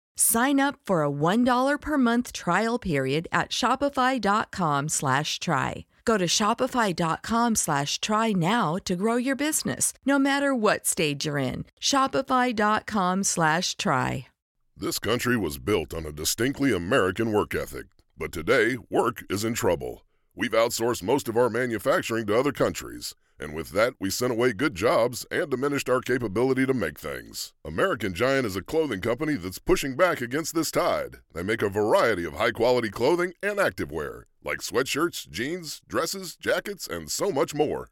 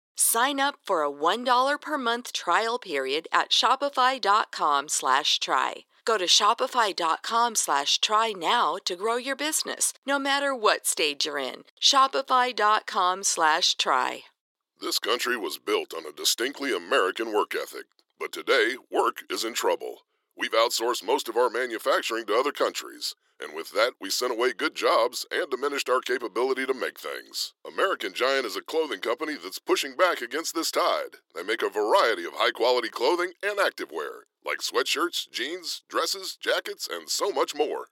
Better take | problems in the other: first | thin; somewhat; fading below 350 Hz

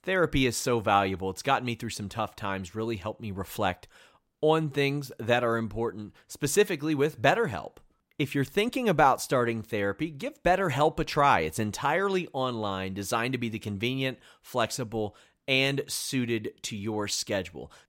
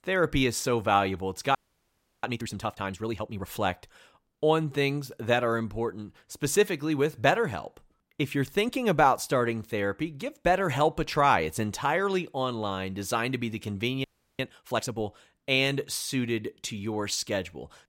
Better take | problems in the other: first | audio freezing; at 1.5 s for 0.5 s and at 14 s

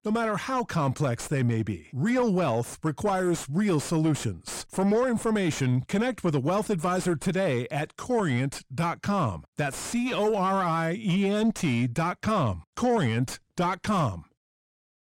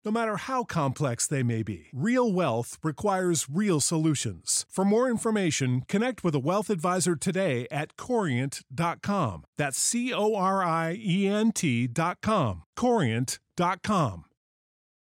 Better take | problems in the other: second | distortion; slight; 9 dB below the speech

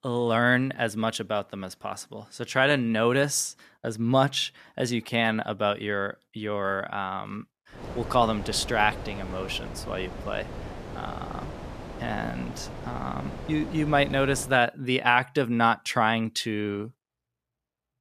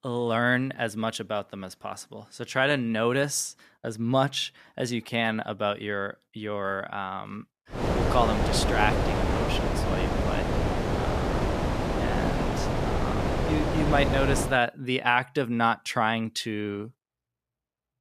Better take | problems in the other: first | wind noise on the microphone; heavy; from 8 to 14 s; 2 dB below the speech; occasional gusts in the first

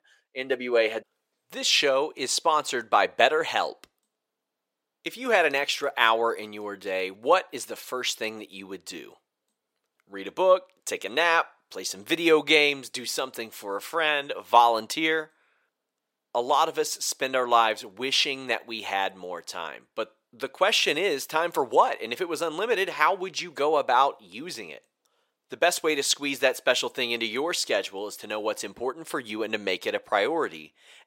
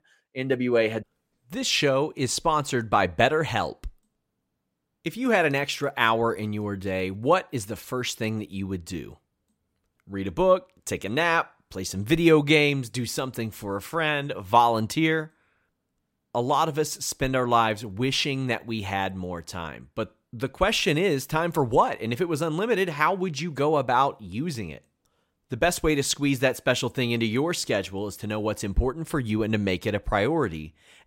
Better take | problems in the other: second | thin; somewhat; fading below 500 Hz

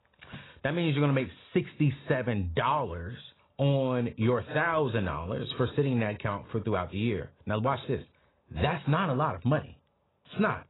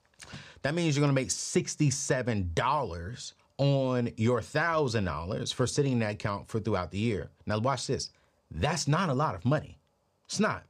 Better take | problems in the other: second | garbled, watery; badly; nothing above 4 kHz

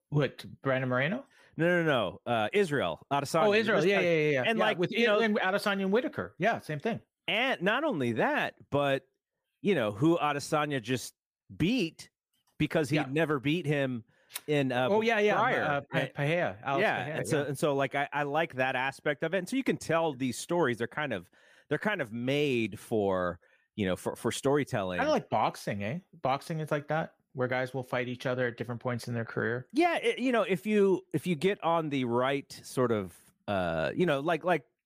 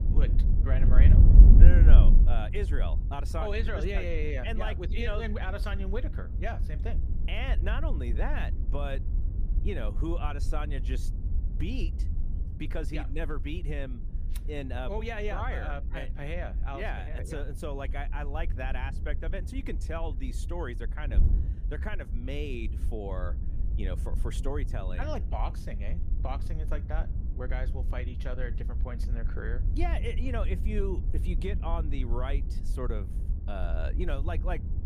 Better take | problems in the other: first | wind noise on the microphone; heavy; 8 dB below the speech

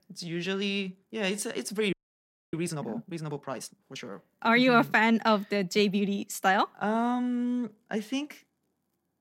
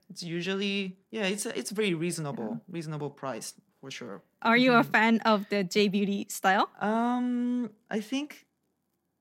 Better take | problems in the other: second | audio freezing; at 2 s for 0.5 s

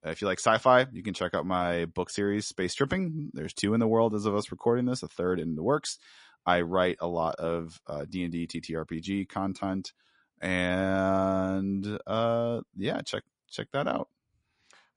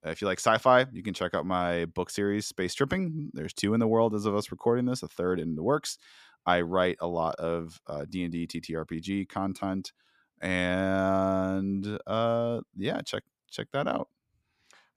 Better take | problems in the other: second | garbled, watery; slightly; nothing above 10.5 kHz

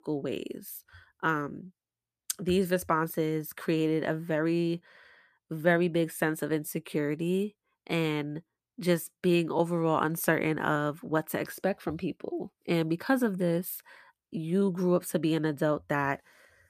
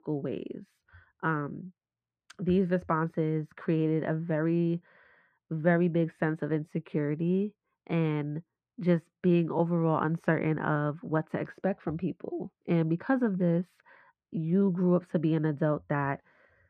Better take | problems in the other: first | muffled; very; fading above 2 kHz

